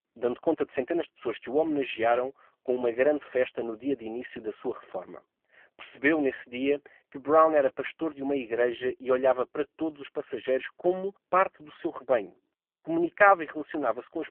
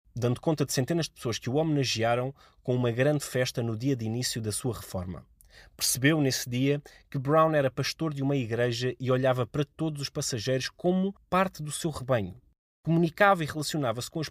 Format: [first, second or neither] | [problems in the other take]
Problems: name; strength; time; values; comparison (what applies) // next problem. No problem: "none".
second | phone-call audio; poor line; nothing above 3 kHz